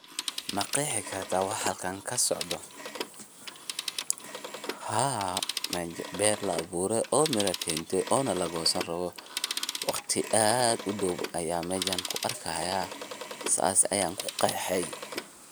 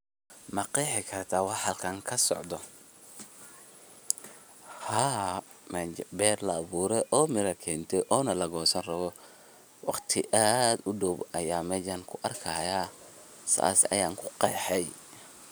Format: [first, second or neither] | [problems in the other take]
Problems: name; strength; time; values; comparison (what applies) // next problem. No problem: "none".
second | background sound (Telephone); 8 dB below the speech